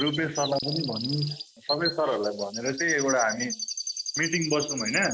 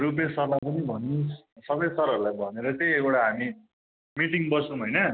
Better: second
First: background sound (Chirp, tweet); 6 dB below the speech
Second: none

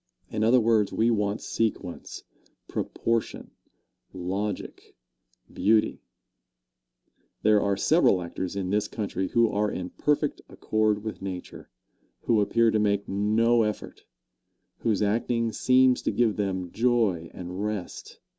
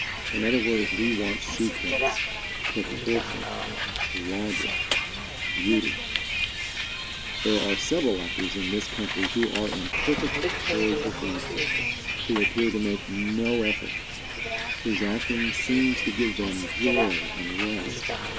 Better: first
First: none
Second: background sound (Bus); as loud as the speech

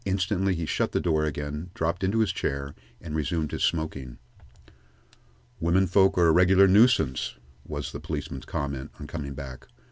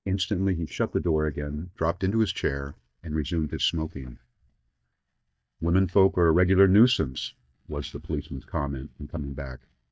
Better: first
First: none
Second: noise reduction (neural mask model DeepFilterNet 3)

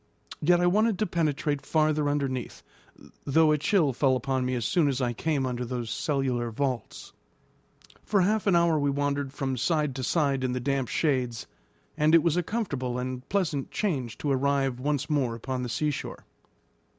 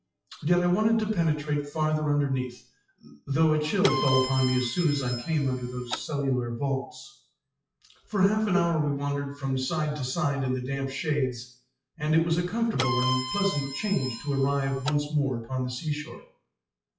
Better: first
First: none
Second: noise reduction (classical method WPE with log-MMSE)

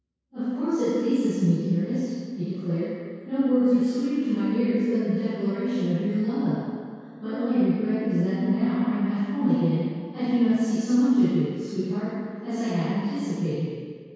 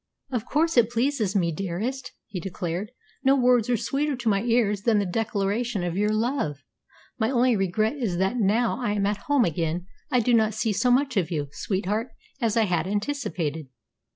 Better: second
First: room echo; dies away in 2 s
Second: none

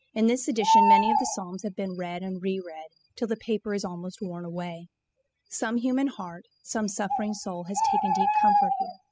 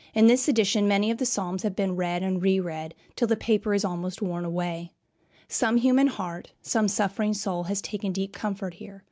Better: second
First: noise reduction (classical method spectral subtraction)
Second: none

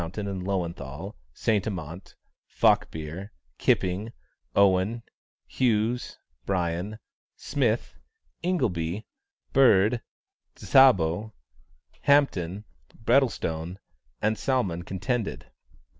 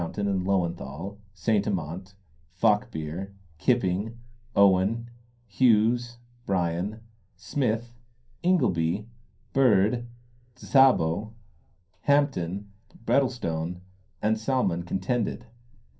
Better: first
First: none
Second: room echo; dies away in 0.3 s

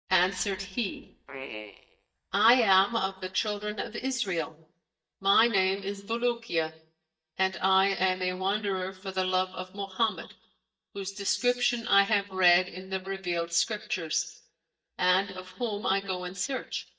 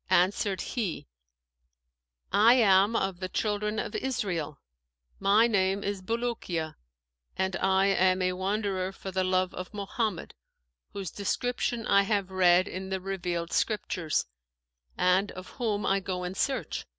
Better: second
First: noise reduction (neural mask model DeepFilterNet 3)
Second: none

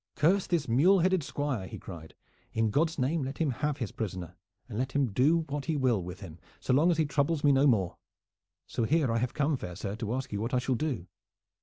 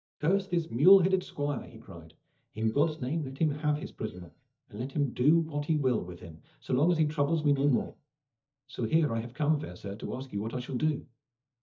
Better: first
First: none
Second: noise reduction (neural mask model DeepFilterNet 3)

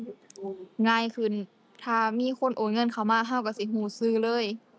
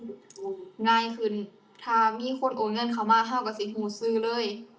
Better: first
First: none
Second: room echo; dies away in 0.4 s

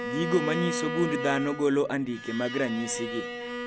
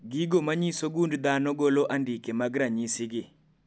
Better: second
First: background sound (Bowed string instrument); 5 dB below the speech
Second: none

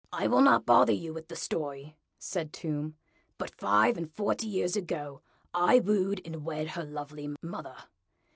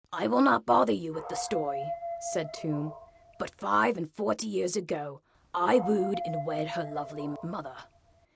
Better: first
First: none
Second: background sound (Dog); 9 dB below the speech

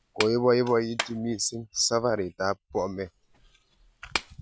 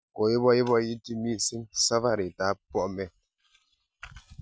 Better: second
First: background sound (Clapping); 11 dB below the speech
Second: none

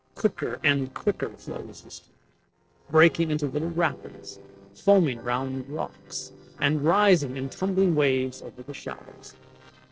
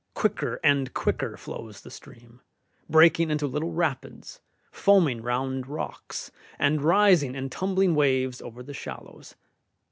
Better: second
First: noise reduction (neural separator model SepFormer DNS4)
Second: none

